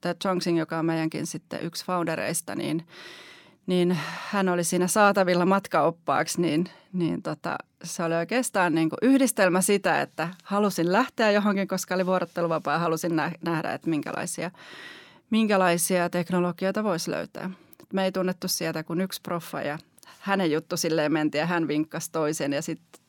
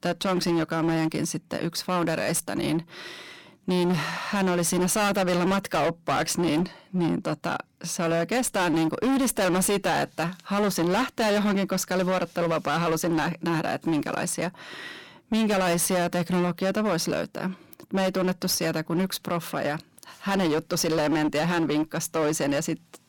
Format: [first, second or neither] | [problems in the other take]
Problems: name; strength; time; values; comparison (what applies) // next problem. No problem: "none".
first | distortion; heavy; 22% of the sound clipped